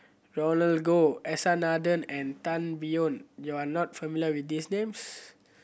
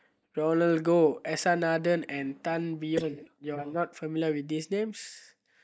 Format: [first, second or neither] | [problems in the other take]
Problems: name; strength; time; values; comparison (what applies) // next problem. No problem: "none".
first | noise reduction (neural mask model DeepFilterNet 3)